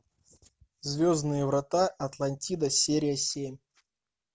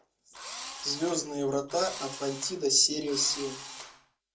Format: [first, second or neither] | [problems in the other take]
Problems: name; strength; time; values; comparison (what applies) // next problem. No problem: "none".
first | background sound (Engine / Drill); 12 dB below the speech // room echo; dies away in 0.2 s